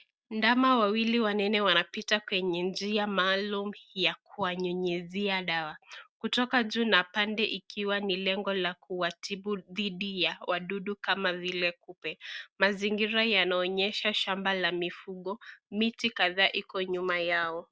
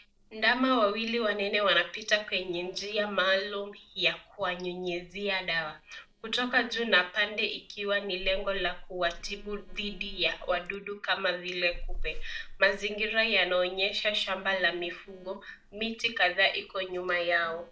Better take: first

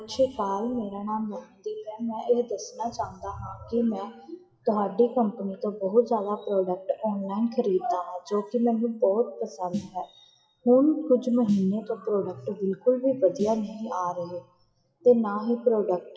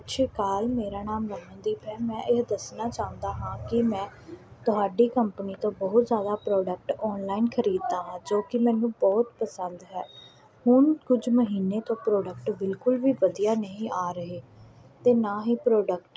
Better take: second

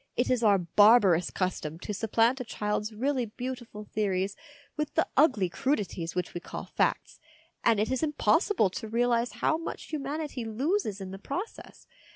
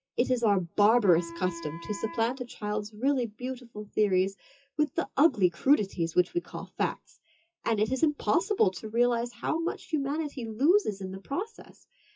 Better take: first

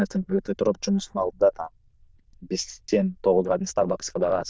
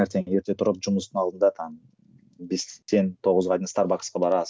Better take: second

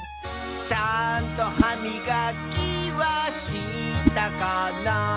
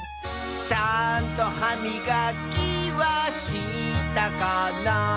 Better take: second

